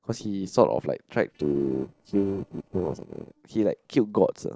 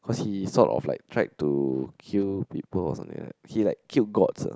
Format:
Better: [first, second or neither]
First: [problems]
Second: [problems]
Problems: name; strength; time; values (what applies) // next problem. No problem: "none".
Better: second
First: noise reduction (neural separator model SepFormer DNS4)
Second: none